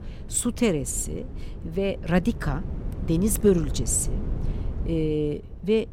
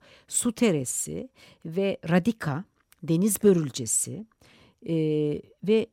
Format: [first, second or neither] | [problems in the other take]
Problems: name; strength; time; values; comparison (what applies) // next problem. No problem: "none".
second | wind noise on the microphone; occasional gusts; 15 dB below the speech